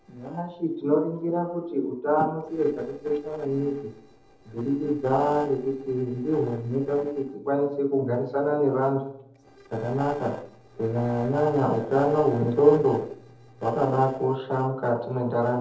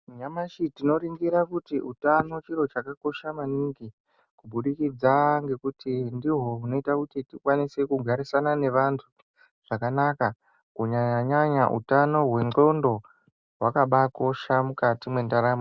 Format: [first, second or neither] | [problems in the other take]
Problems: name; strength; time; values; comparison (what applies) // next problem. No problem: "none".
second | noise reduction (neural separator model SepFormer DNS4)